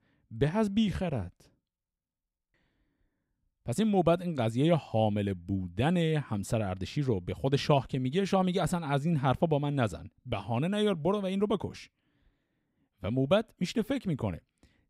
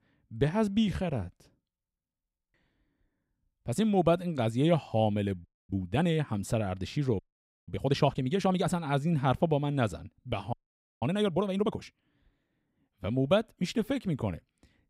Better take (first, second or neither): first